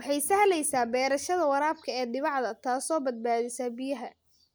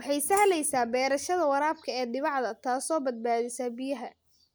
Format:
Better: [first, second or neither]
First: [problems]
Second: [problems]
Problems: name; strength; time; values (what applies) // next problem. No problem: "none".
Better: first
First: none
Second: background sound (Tambourine); 14 dB below the speech